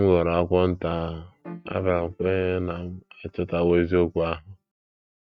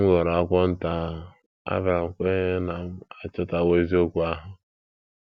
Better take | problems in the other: second | noise reduction (neural mask model RNNoise)

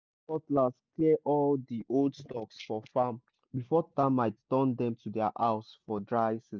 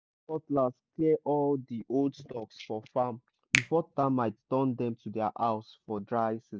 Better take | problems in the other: first | background sound (Finger snapping); 6 dB below the speech

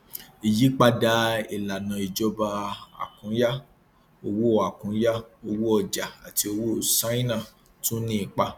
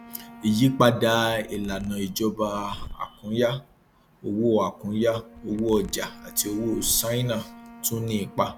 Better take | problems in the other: first | background sound (Wind instrument, woodwind instrument + Zipper (clothing)); 18 dB below the speech

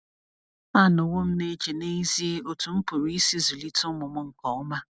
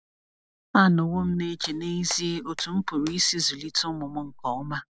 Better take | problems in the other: first | background sound (Hands); 19 dB below the speech

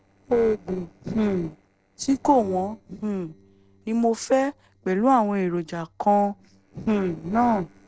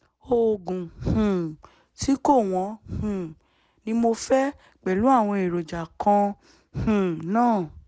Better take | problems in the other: second | noise reduction (neural separator model SepFormer DNS4)

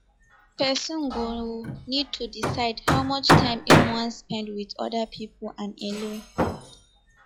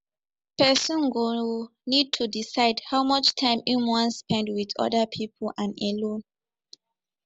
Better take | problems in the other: second | noise reduction (classical method log-MMSE)

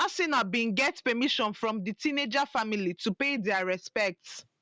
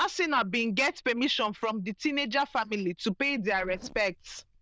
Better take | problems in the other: first | noise reduction (neural diffusion model UNIVERSE++)

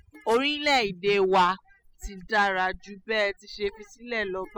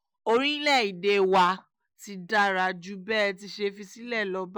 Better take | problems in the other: second | noise reduction (classical method spectral subtraction)

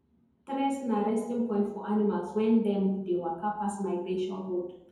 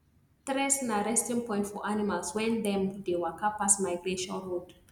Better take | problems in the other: second | room echo; dies away in 2 s

